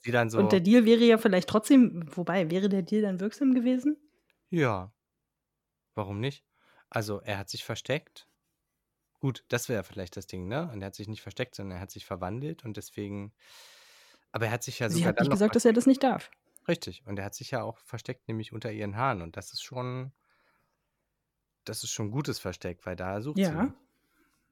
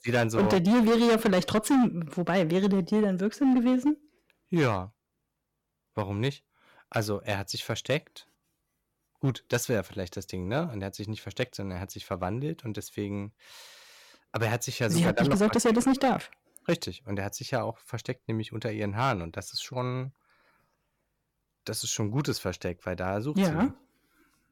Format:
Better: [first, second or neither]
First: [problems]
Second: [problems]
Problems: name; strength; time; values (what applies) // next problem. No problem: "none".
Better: first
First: none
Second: distortion; heavy; 5% of the sound clipped